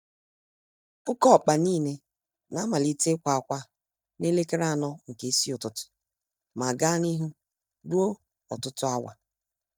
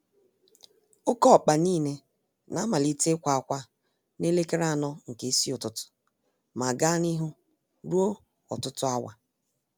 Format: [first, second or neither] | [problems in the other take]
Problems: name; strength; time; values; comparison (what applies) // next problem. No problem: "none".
second | noise reduction (neural mask model DeepFilterNet 3)